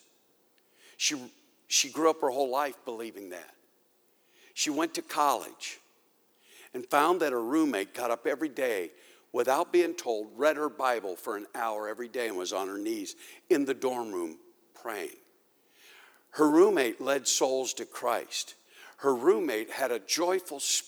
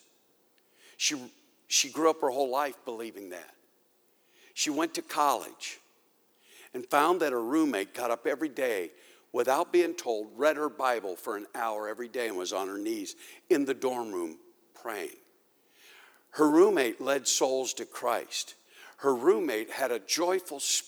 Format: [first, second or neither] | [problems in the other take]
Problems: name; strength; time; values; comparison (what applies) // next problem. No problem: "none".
neither | thin; somewhat; fading below 300 Hz; the same in both